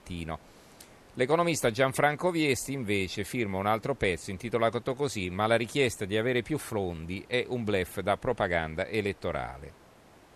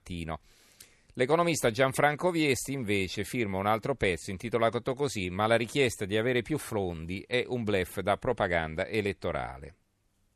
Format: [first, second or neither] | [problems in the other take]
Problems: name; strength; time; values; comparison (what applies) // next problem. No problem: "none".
second | hiss; faint; throughout; 25 dB below the speech